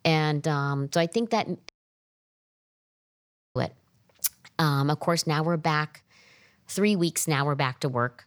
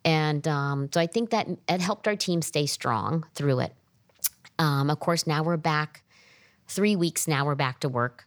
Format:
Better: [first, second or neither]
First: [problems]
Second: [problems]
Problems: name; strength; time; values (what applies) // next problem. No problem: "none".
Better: second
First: audio cutting out; at 1.5 s for 2 s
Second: none